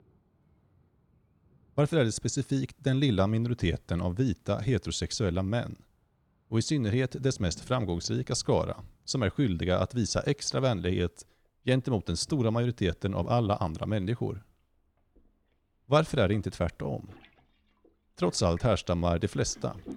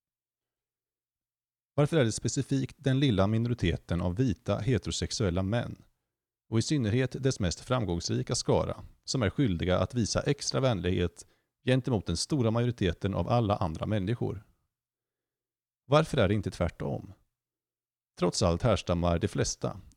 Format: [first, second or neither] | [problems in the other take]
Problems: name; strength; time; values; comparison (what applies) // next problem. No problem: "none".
second | rain or running water; faint; throughout; 30 dB below the speech